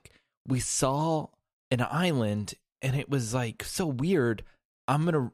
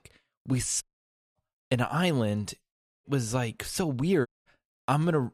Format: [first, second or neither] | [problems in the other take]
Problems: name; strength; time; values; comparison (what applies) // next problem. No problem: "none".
first | audio cutting out; at 1 s for 0.5 s, at 2.5 s and at 4.5 s